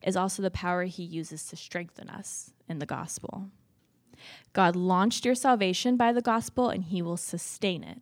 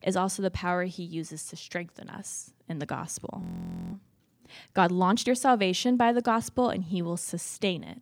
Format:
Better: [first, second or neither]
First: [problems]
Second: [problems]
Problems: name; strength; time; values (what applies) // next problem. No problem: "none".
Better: first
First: none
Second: audio freezing; at 3.5 s for 0.5 s